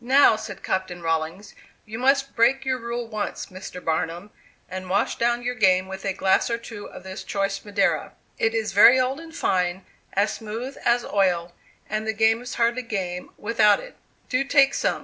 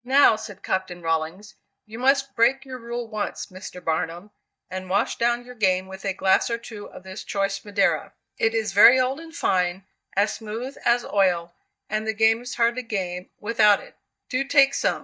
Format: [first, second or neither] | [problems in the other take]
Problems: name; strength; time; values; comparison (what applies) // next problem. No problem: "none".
first | noise reduction (neural mask model DeepFilterNet 3)